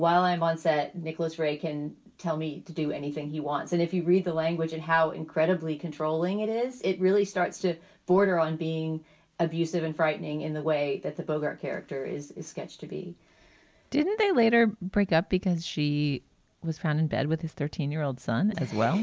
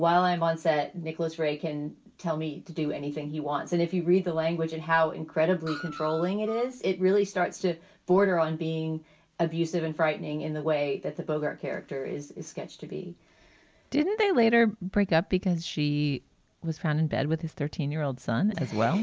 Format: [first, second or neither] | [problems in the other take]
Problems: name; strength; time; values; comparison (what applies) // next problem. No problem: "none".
first | background sound (Screech); 14 dB below the speech